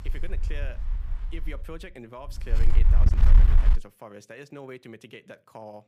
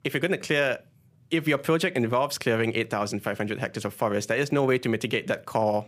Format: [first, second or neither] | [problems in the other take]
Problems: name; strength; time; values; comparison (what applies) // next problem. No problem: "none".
second | wind noise on the microphone; heavy; until 4 s; 1 dB below the speech